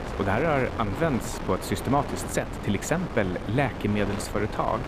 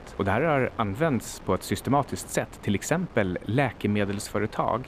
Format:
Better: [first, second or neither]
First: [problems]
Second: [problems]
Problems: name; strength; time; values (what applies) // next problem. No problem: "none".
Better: second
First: wind noise on the microphone; heavy; 8 dB below the speech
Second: wind noise on the microphone; occasional gusts; 20 dB below the speech